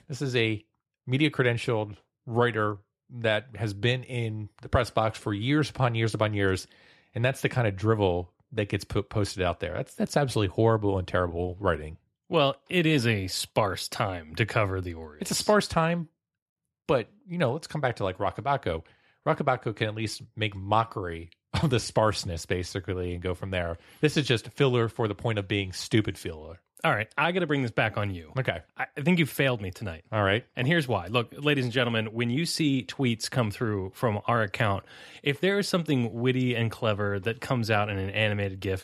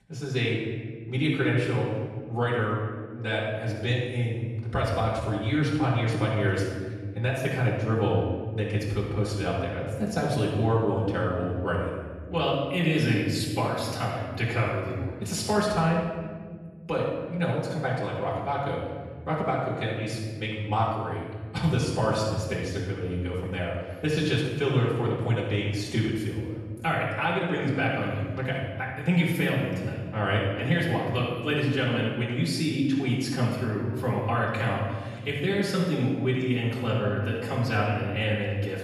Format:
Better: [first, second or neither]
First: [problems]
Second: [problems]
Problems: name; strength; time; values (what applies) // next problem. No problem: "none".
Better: first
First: none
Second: off-mic speech; far // room echo; noticeable; dies away in 1.7 s